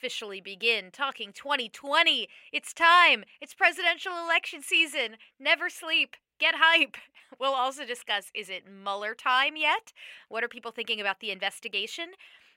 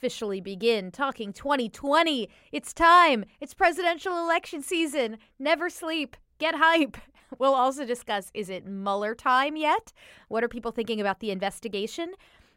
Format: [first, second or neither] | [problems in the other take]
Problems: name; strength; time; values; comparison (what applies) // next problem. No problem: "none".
second | thin; somewhat; fading below 850 Hz